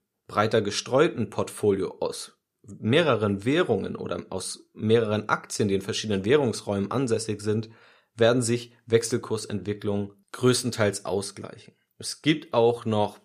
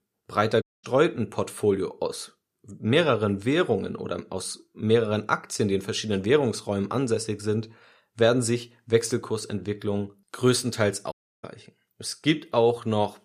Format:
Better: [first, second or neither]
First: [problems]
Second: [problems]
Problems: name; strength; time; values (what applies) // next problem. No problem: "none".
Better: first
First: none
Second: audio cutting out; at 0.5 s and at 11 s